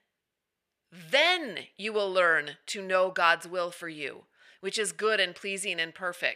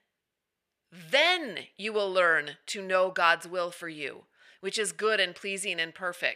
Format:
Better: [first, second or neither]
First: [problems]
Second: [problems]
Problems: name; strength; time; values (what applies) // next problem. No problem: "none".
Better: neither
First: thin; somewhat; fading below 450 Hz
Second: thin; somewhat; fading below 450 Hz